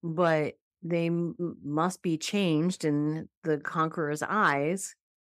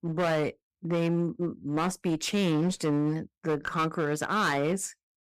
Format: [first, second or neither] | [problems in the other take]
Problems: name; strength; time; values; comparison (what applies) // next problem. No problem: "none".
first | distortion; slight; 16% of the sound clipped